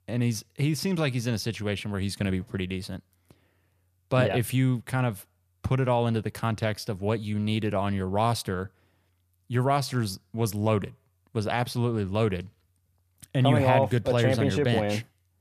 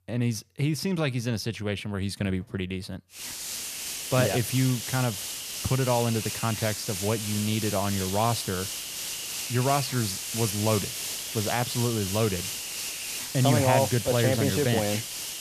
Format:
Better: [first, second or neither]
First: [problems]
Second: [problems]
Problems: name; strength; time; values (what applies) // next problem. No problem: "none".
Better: first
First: none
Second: hiss; loud; from 3 s on; 4 dB below the speech